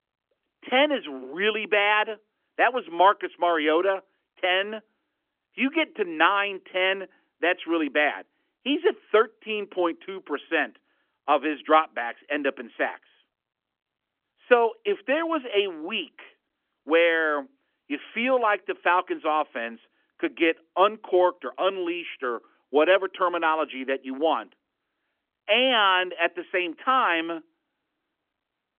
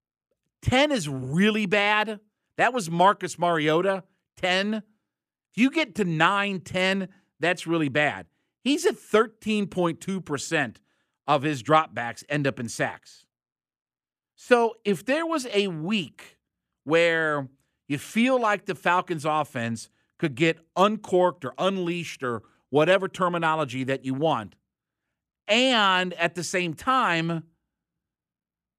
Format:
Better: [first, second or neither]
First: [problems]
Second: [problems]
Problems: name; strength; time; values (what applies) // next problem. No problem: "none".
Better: second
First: phone-call audio; nothing above 3.5 kHz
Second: none